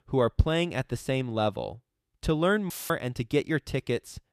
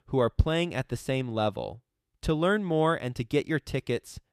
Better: second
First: audio cutting out; filled with static; at 2.5 s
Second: none

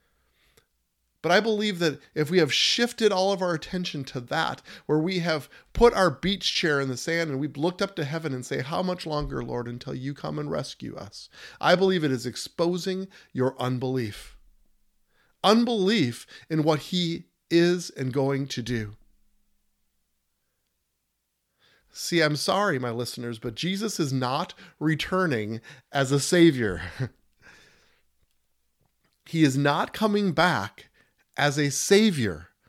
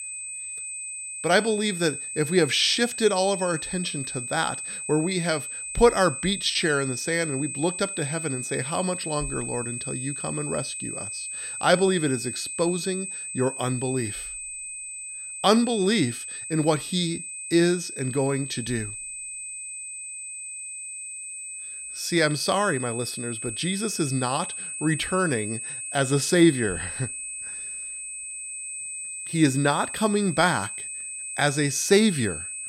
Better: first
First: none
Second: high-pitched whine; loud; throughout; 8.5 kHz, 7 dB below the speech

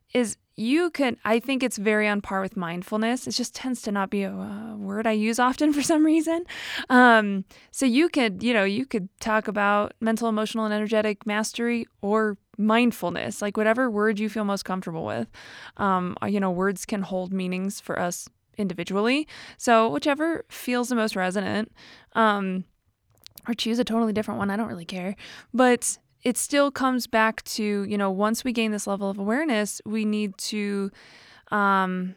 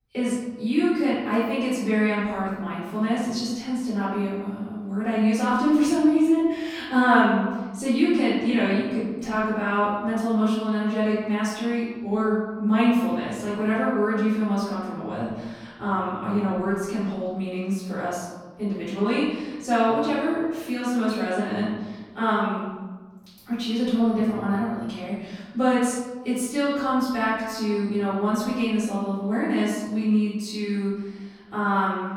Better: first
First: none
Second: off-mic speech; far // room echo; strong; dies away in 1.2 s

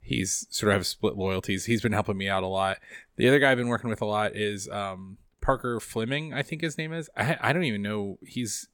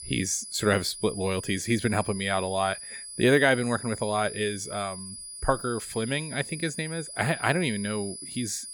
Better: first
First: none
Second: high-pitched whine; noticeable; throughout; 10 kHz, 10 dB below the speech

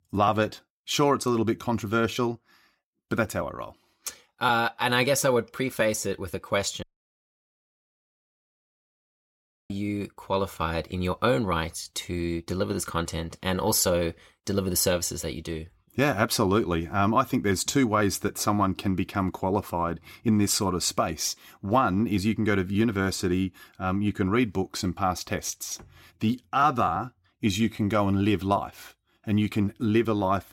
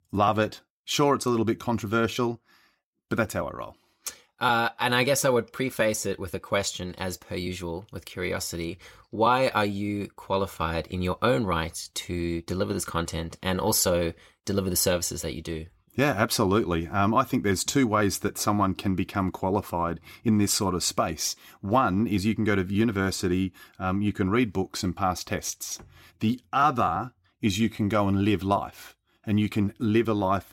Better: second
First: audio cutting out; at 7 s for 3 s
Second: none

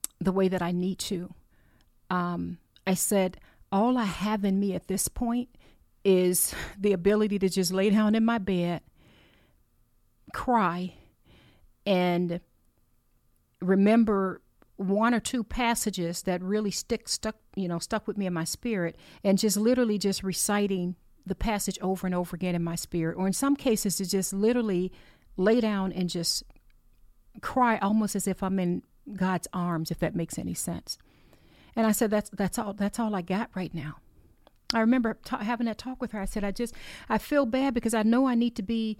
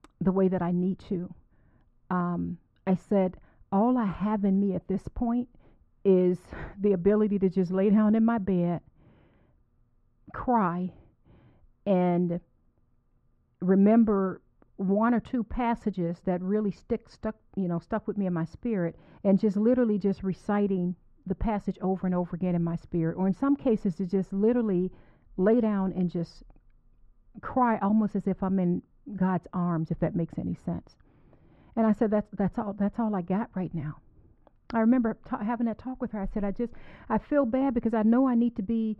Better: first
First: none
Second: muffled; very; fading above 1.5 kHz

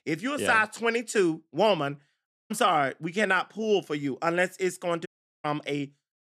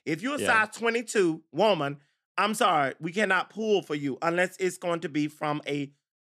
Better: second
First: audio cutting out; at 2.5 s and at 5 s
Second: none

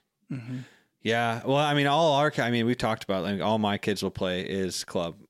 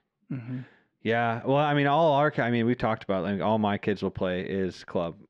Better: first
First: none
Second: muffled; slightly; fading above 2.5 kHz

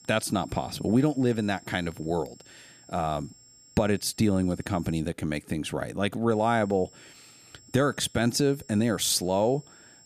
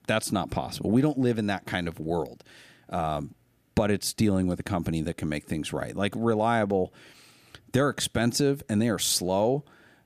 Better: second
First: high-pitched whine; faint; until 5 s and from 6.5 s on; 7.5 kHz, 25 dB below the speech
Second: none

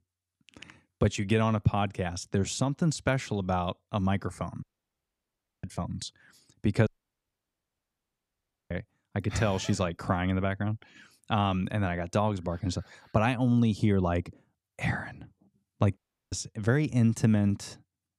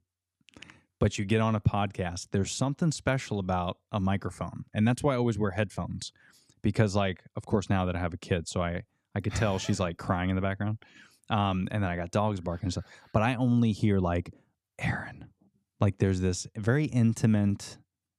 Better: second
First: audio cutting out; at 4.5 s for 1 s, at 7 s for 2 s and at 16 s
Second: none

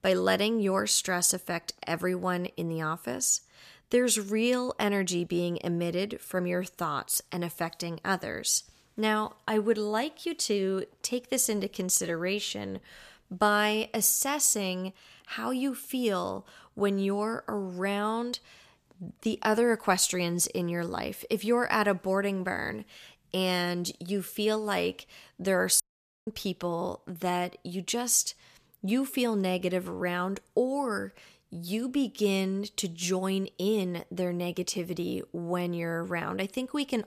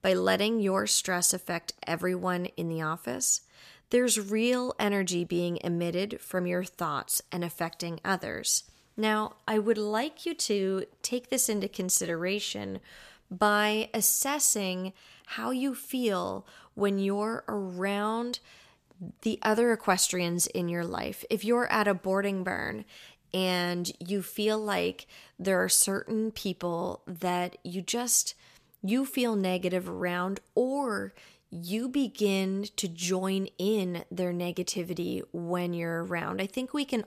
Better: second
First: audio cutting out; at 26 s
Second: none

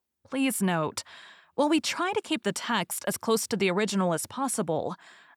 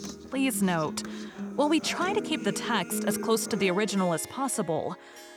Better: first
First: none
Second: background music; loud; throughout; 9 dB below the speech

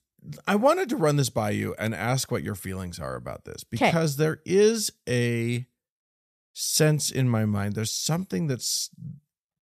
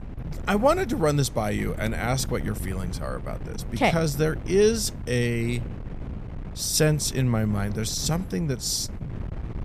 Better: first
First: none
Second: wind noise on the microphone; occasional gusts; 20 dB below the speech

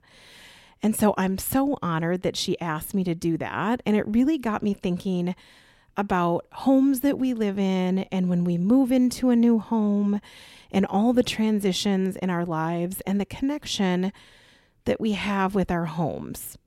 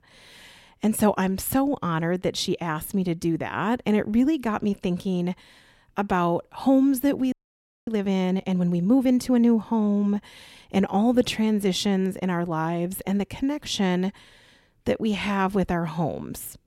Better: first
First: none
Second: audio freezing; at 7.5 s for 0.5 s

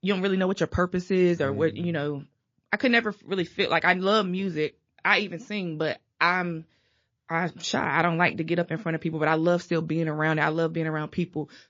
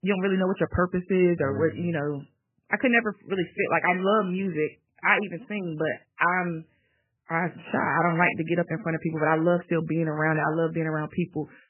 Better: first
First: garbled, watery; slightly; nothing above 6.5 kHz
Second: garbled, watery; badly; nothing above 3 kHz

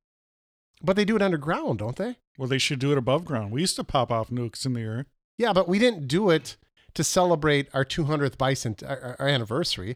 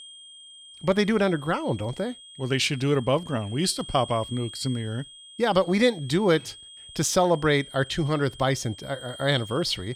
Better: first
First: none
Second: high-pitched whine; noticeable; throughout; 3.5 kHz, 15 dB below the speech

